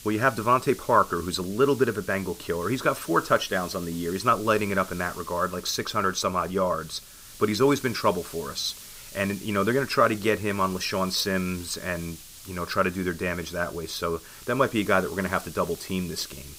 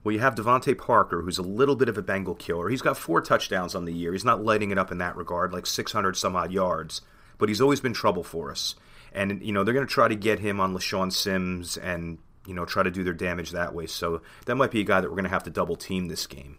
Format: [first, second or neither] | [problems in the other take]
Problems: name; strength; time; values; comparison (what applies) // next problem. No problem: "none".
second | hiss; noticeable; throughout; 15 dB below the speech